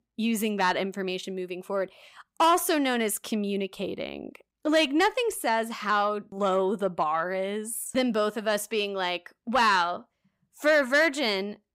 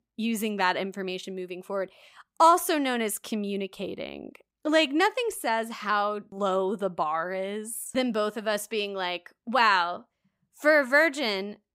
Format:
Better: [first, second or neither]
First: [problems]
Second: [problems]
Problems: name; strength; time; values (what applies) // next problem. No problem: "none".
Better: second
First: distortion; slight; 10 dB below the speech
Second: none